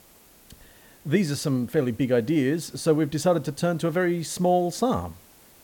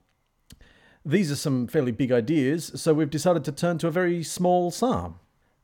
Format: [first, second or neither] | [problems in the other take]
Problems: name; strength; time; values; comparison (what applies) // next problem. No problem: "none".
second | hiss; faint; throughout; 25 dB below the speech